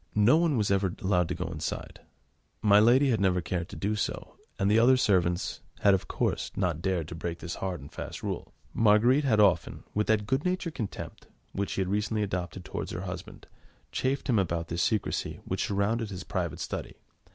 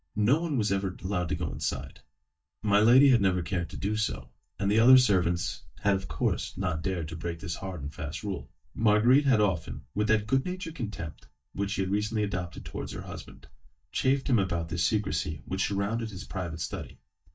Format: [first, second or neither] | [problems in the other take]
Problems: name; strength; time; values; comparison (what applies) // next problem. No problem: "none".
first | noise reduction (neural mask model DeepFilterNet 3)